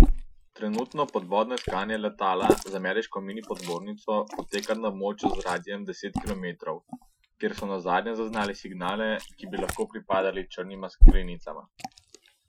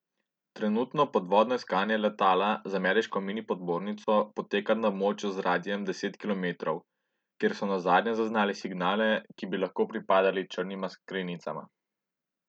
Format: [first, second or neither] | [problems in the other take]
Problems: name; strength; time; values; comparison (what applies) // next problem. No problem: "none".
second | noise reduction (classical method Wiener filter)